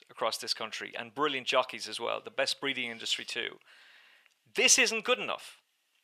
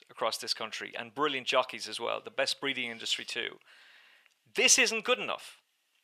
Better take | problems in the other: neither | thin; very; fading below 650 Hz; the same in both

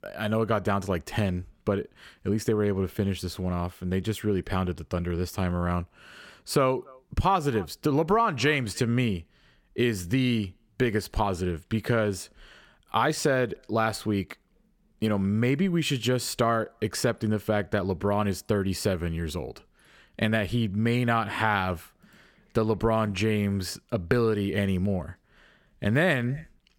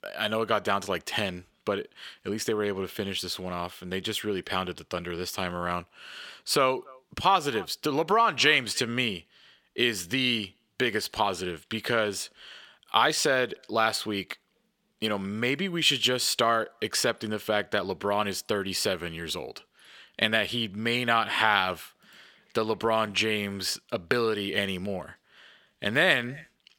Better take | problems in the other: first | thin; somewhat; fading below 550 Hz

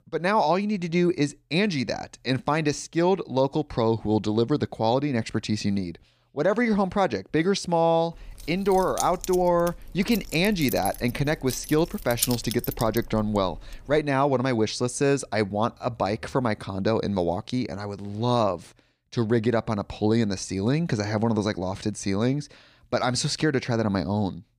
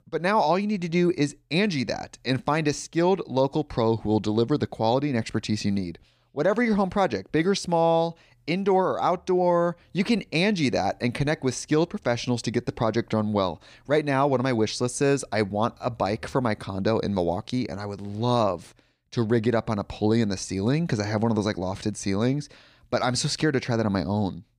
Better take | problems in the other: second | jangling keys; noticeable; from 8.5 to 14 s; peak 2 dB below the speech

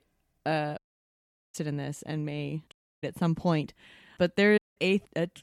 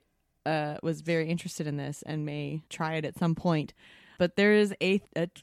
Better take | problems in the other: second | audio cutting out; at 1 s for 1 s, at 2.5 s and at 4.5 s

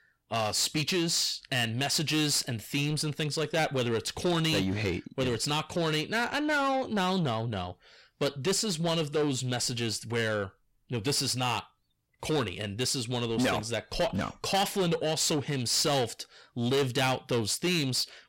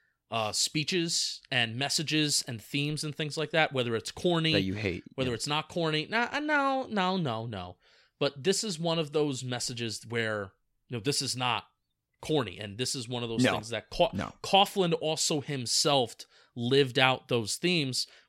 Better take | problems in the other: second | distortion; heavy; 7 dB below the speech

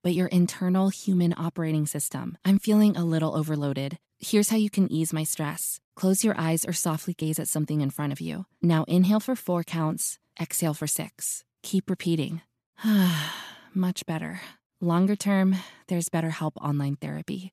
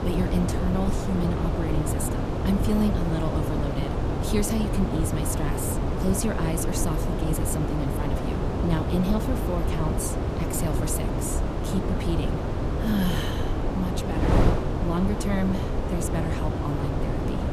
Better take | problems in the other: first | wind noise on the microphone; heavy; 2 dB above the speech

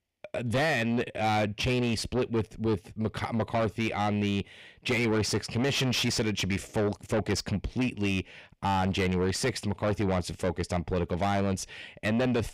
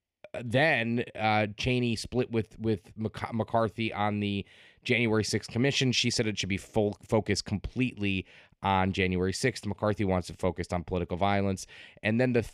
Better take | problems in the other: second | distortion; heavy; 7 dB below the speech

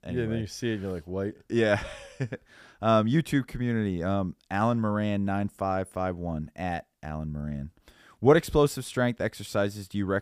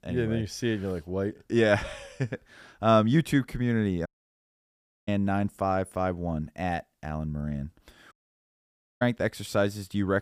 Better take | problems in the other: first | audio cutting out; at 4 s for 1 s and at 8 s for 1 s

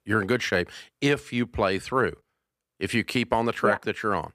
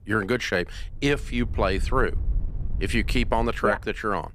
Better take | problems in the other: first | wind noise on the microphone; occasional gusts; 25 dB below the speech

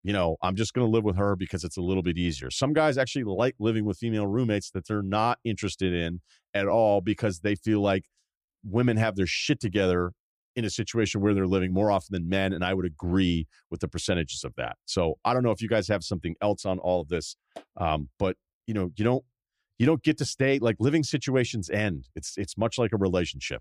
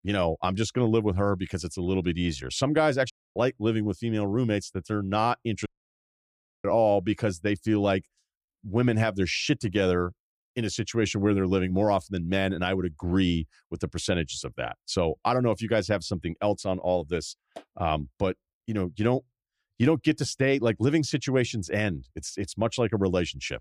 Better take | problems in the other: first | audio cutting out; at 3 s and at 5.5 s for 1 s

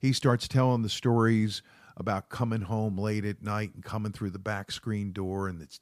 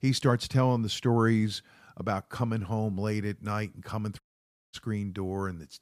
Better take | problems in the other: first | audio cutting out; at 4 s for 0.5 s

